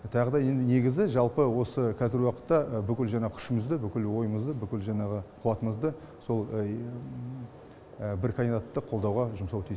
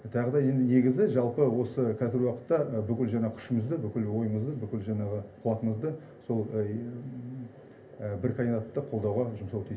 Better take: first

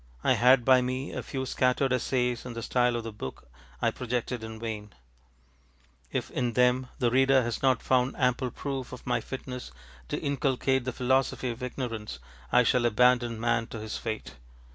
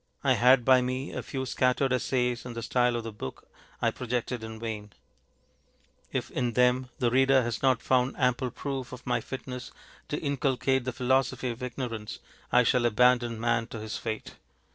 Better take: first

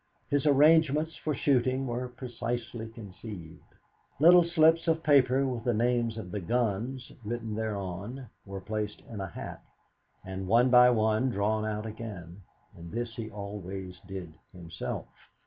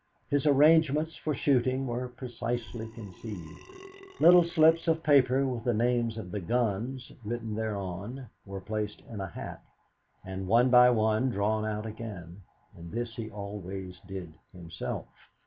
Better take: first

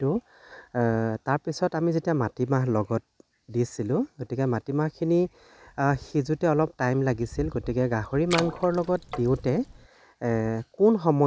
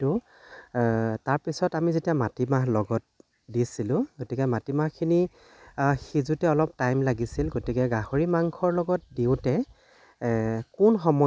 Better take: second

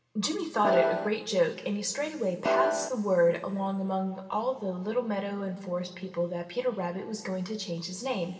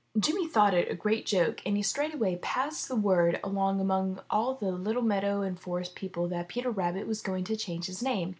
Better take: second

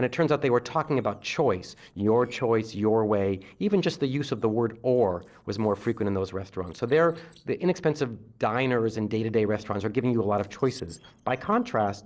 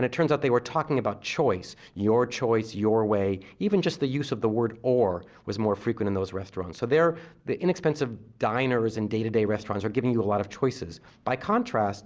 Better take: second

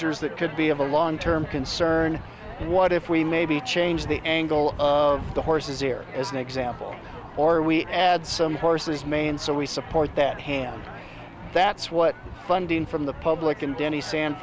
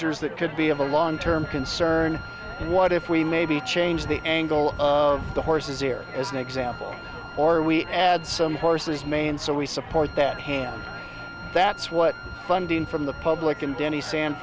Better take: first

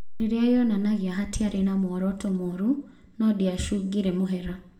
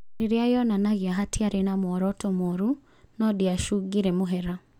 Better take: second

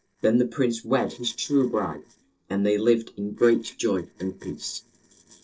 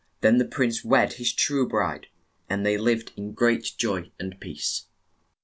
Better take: second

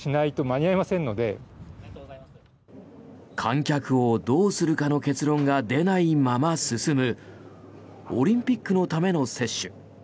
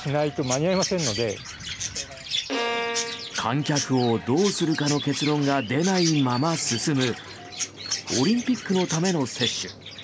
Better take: first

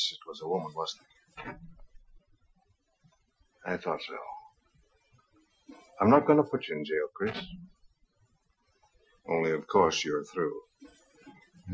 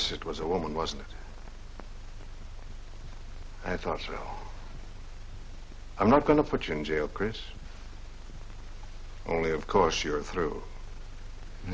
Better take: second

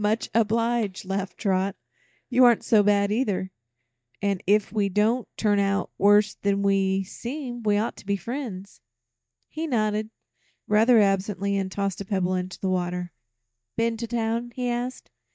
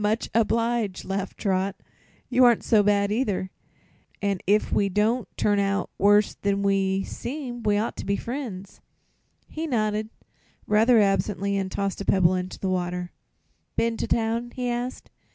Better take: second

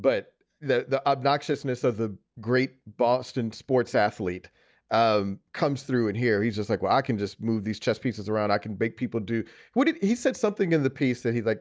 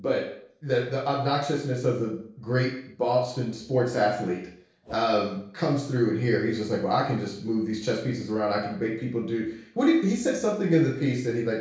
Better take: first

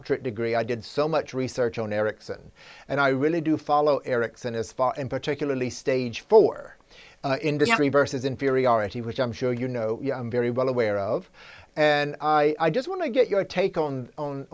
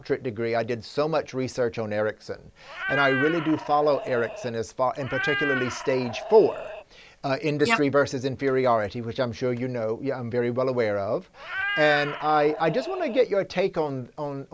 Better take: first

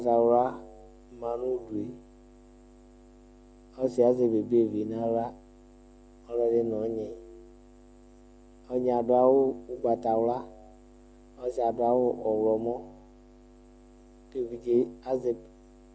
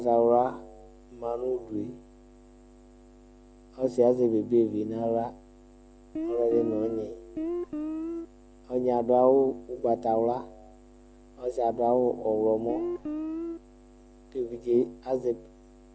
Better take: first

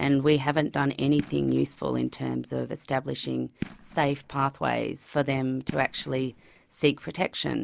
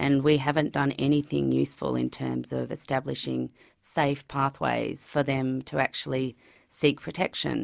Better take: second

